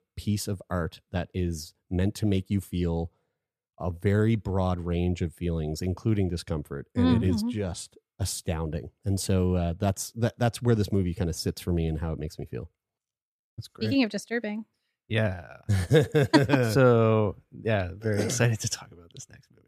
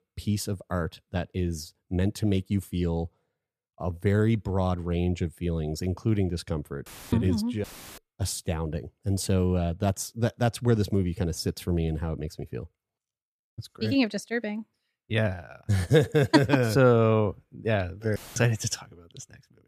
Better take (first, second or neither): first